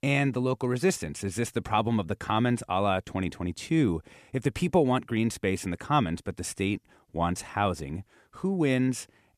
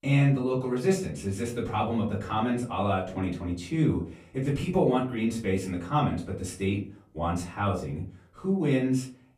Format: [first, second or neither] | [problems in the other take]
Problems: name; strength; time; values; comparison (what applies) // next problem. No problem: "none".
first | off-mic speech; far // room echo; slight; dies away in 0.4 s